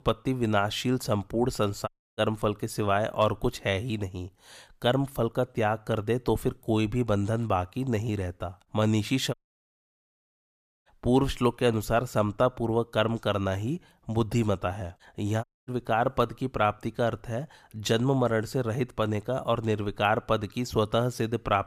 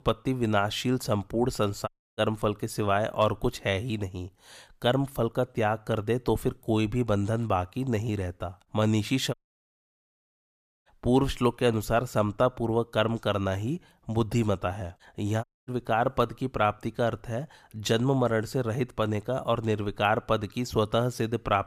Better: neither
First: audio cutting out; at 2 s, at 9.5 s for 1.5 s and at 15 s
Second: audio cutting out; at 2 s, at 9.5 s for 1.5 s and at 15 s

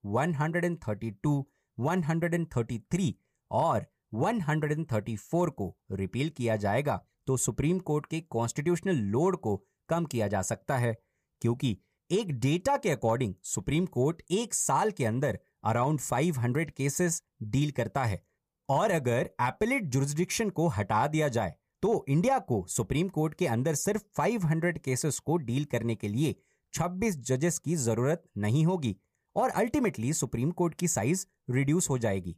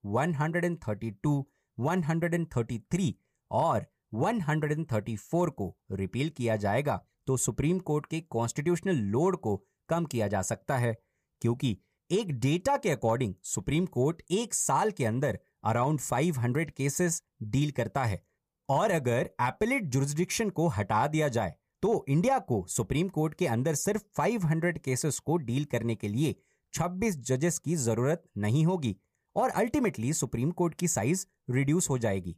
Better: neither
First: none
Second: none

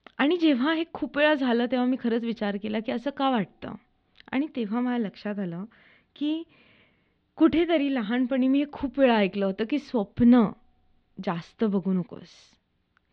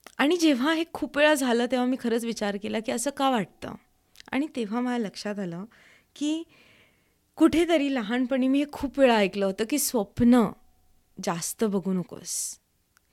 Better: second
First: muffled; slightly; fading above 4 kHz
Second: none

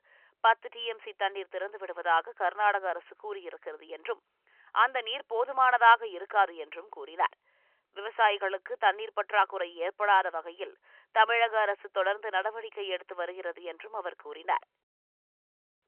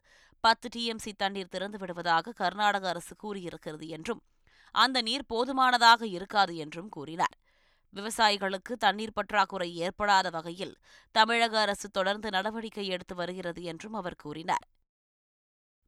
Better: second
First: phone-call audio; nothing above 3 kHz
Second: none

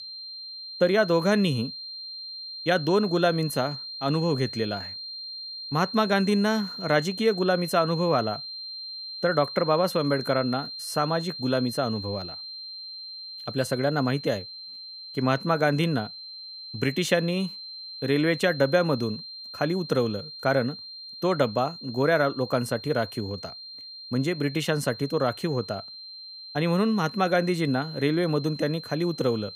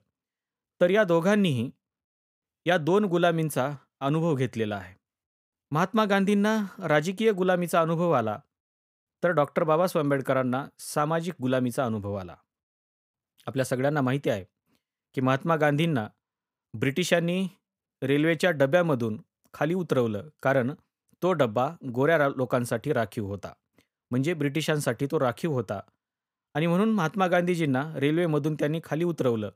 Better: second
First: high-pitched whine; noticeable; throughout; 4 kHz, 10 dB below the speech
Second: none

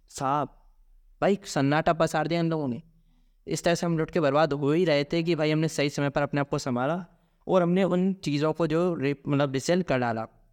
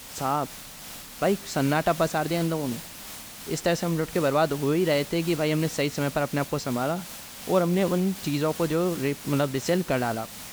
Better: first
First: none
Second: hiss; noticeable; throughout; 10 dB below the speech

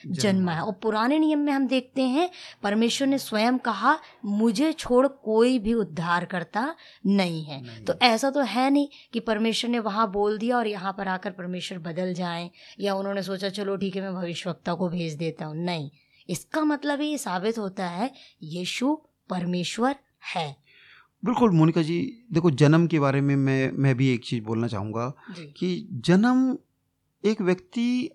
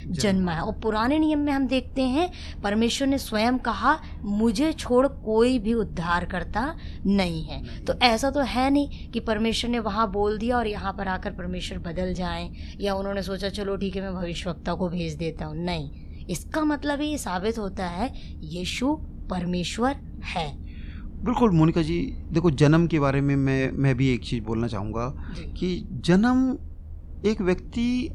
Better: first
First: none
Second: low rumble; faint; throughout; 25 dB below the speech

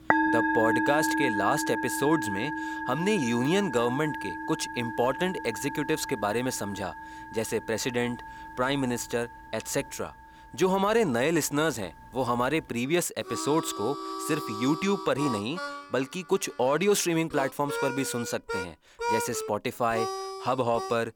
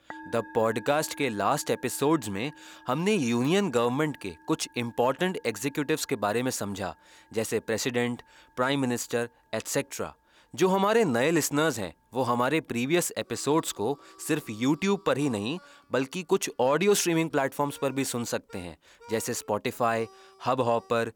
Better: second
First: background music; loud; throughout; 4 dB below the speech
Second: background music; faint; throughout; 25 dB below the speech

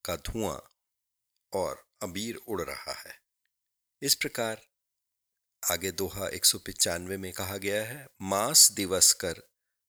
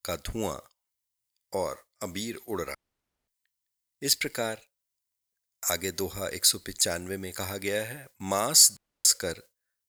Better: first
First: none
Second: audio cutting out; at 3 s for 0.5 s and at 9 s

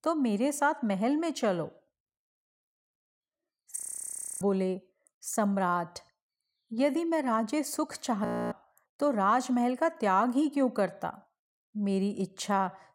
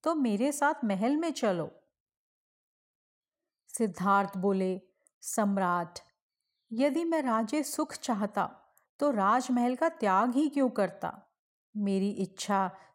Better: second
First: audio freezing; at 4 s for 0.5 s and at 8.5 s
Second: none

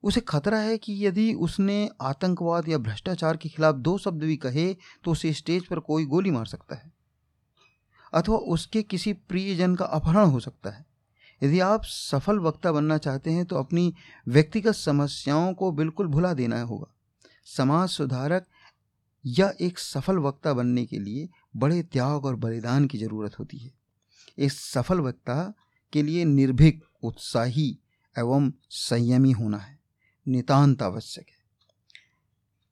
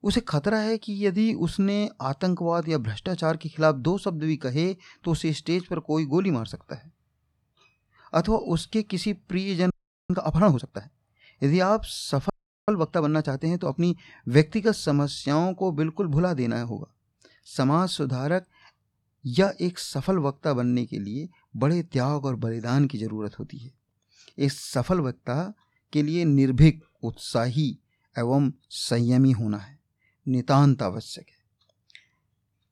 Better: first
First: none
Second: audio freezing; at 9.5 s and at 12 s

